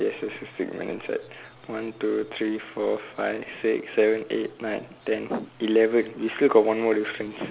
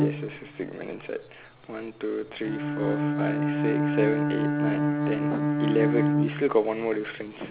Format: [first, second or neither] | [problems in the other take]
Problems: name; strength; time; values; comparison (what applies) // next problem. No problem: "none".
first | background sound (Bowed string instrument); 2 dB above the speech